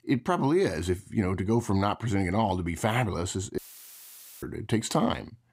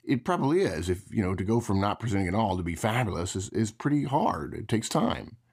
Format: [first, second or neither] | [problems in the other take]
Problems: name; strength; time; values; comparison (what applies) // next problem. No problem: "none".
second | audio cutting out; filled with static; at 3.5 s for 1 s